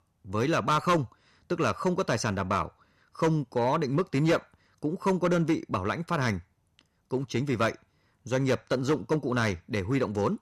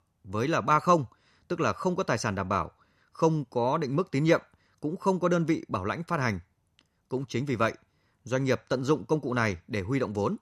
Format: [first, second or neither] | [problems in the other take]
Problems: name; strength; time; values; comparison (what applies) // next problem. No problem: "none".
second | distortion; slight; 4% of the sound clipped